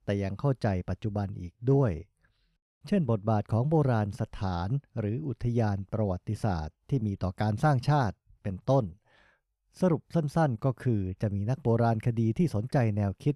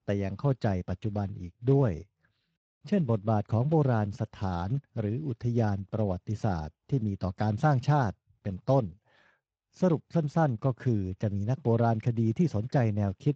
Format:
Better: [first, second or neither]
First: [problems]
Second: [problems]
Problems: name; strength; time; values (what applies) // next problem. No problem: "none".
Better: first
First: none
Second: garbled, watery; slightly